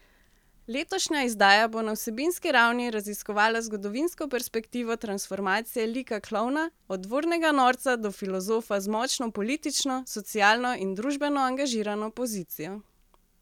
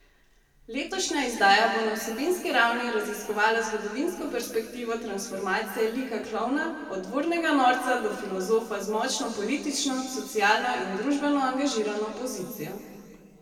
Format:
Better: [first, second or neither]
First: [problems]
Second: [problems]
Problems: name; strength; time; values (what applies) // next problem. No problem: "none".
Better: first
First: none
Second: room echo; dies away in 2.1 s